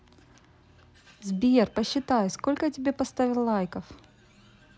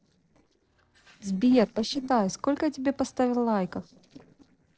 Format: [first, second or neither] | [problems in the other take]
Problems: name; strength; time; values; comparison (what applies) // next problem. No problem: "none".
first | noise reduction (neural separator model SepFormer DNS4)